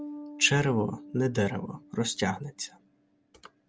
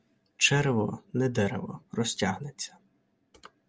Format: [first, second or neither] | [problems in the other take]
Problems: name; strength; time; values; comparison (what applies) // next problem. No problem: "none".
second | background sound (Bass guitar); 16 dB below the speech